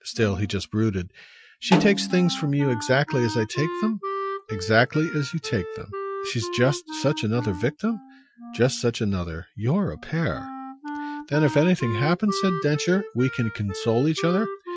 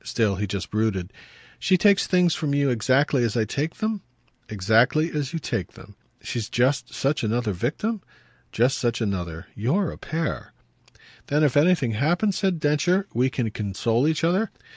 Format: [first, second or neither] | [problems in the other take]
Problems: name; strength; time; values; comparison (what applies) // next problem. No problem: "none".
second | noise reduction (classical method Wiener filter)